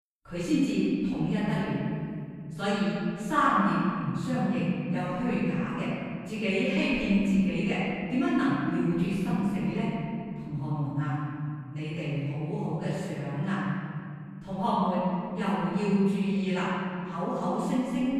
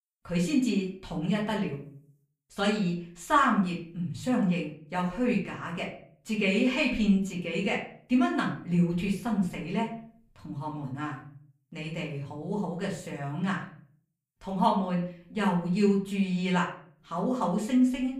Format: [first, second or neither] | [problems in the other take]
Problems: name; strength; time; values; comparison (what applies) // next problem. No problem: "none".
second | room echo; strong; dies away in 3 s; slight in the second // off-mic speech; far; far in the second